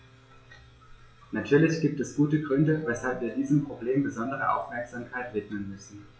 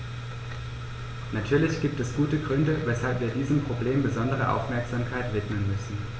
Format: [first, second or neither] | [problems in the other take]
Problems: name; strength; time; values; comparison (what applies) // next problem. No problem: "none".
second | noise reduction (classical method log-MMSE)